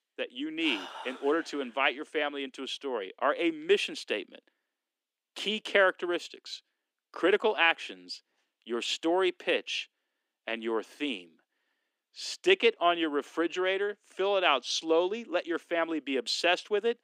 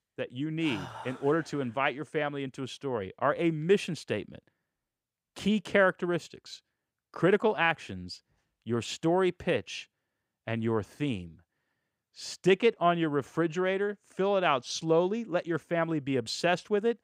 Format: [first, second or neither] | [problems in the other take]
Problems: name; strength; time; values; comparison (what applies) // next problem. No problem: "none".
second | thin; somewhat; fading below 250 Hz